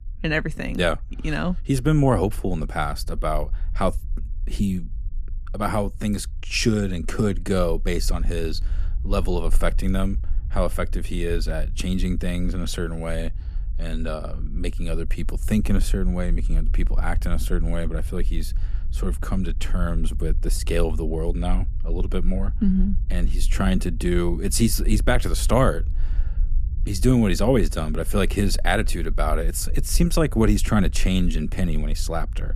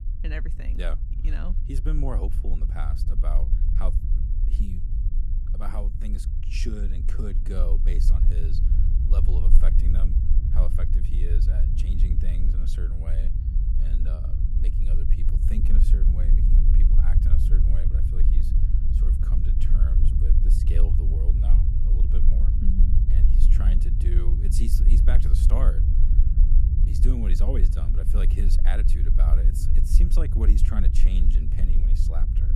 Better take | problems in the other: first | low rumble; loud; throughout; 2 dB below the speech; faint in the first

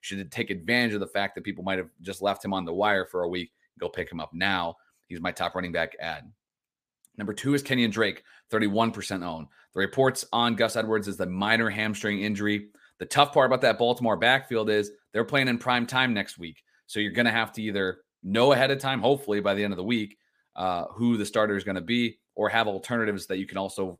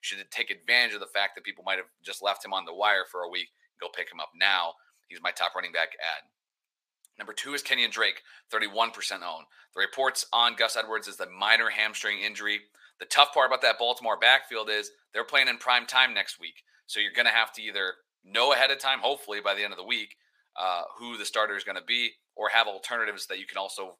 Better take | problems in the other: first | thin; very; fading below 850 Hz

